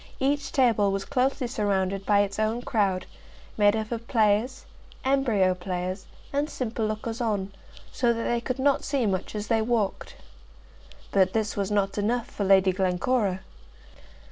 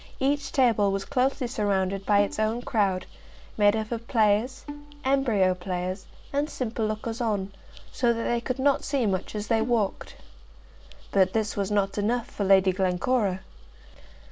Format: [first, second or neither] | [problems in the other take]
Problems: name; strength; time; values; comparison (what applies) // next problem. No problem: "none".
first | background sound (Bowed string instrument); 18 dB below the speech